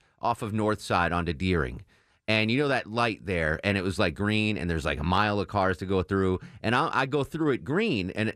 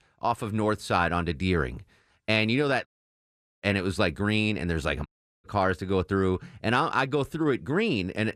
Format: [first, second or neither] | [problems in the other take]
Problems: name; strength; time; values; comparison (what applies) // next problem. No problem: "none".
first | audio cutting out; at 3 s for 1 s and at 5 s